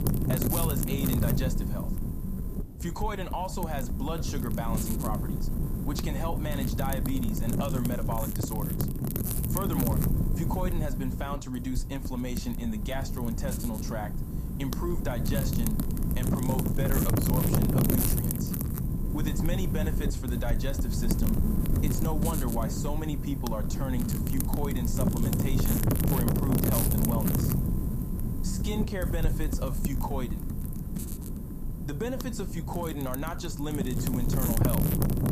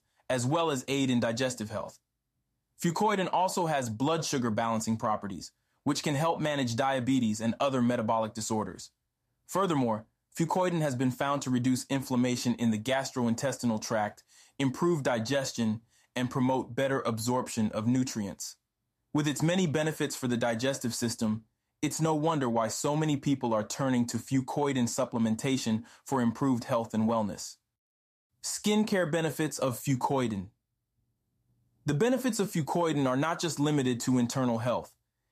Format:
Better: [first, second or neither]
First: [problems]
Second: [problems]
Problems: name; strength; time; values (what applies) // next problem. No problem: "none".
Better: second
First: wind noise on the microphone; heavy; 1 dB below the speech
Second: none